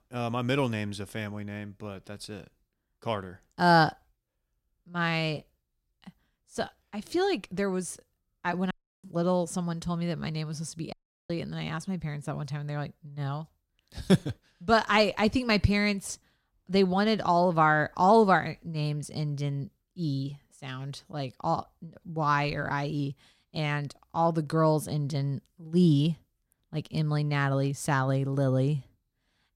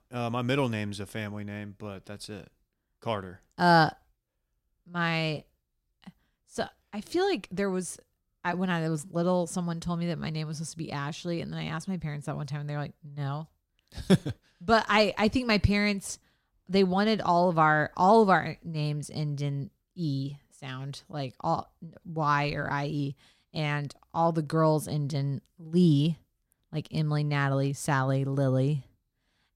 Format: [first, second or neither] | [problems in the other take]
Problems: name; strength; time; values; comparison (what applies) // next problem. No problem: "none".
second | audio cutting out; at 8.5 s and at 11 s